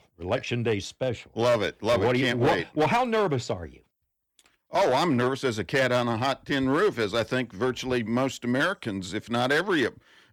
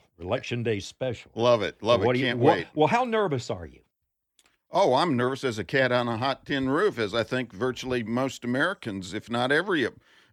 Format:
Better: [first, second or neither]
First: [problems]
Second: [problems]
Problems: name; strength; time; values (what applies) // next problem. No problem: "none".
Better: second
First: distortion; slight; 6% of the sound clipped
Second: none